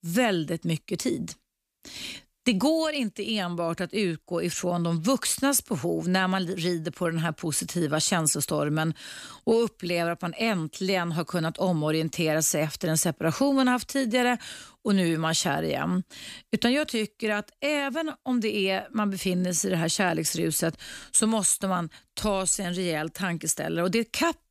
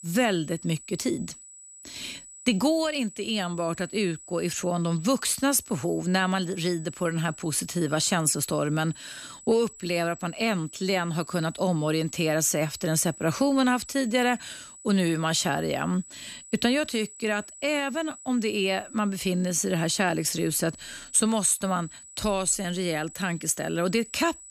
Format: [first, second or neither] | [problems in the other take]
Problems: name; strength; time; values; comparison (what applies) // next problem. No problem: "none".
first | high-pitched whine; noticeable; throughout; 8 kHz, 15 dB below the speech